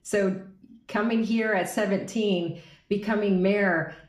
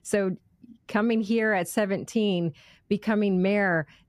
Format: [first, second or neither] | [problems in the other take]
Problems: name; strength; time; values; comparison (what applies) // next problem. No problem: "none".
second | room echo; slight; dies away in 0.5 s